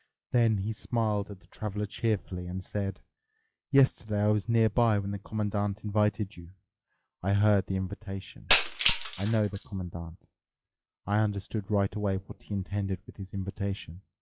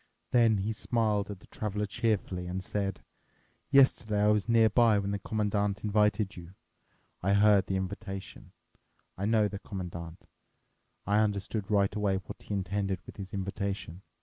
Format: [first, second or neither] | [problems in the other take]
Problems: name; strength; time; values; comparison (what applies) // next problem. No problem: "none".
second | noise reduction (classical method log-MMSE)